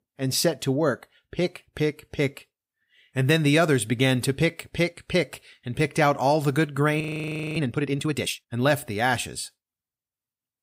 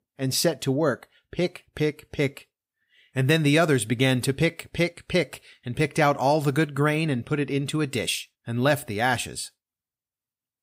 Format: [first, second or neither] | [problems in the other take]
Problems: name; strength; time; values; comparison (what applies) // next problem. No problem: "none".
second | audio freezing; at 7 s for 0.5 s